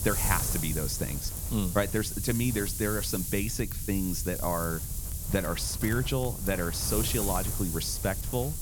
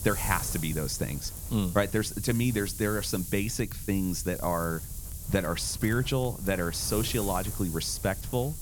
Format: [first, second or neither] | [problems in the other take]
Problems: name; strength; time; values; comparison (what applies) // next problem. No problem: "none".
second | wind noise on the microphone; heavy; 5 dB below the speech; occasional gusts in the second